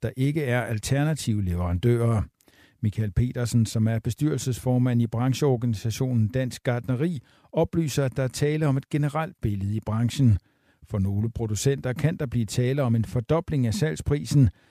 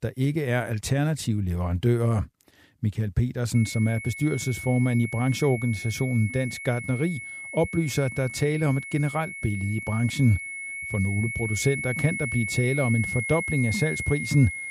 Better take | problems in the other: first | high-pitched whine; loud; from 3.5 s on; 2 kHz, 6 dB below the speech

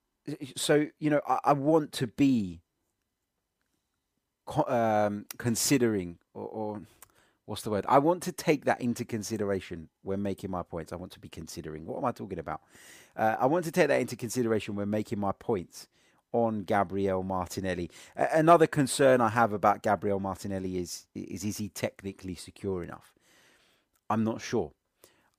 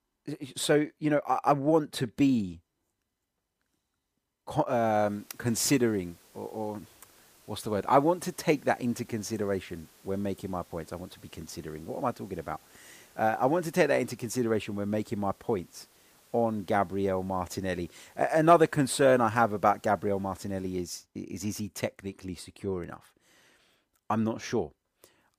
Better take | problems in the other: first | hiss; faint; from 5 to 21 s; 30 dB below the speech

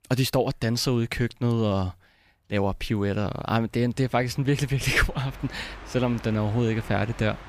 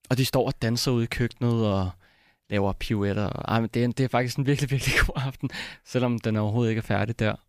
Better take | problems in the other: second | train or aircraft noise; noticeable; throughout; 20 dB below the speech

